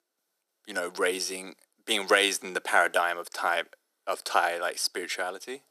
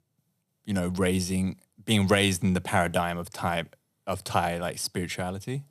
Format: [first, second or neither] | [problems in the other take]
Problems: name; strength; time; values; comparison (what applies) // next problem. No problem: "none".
second | thin; very; fading below 300 Hz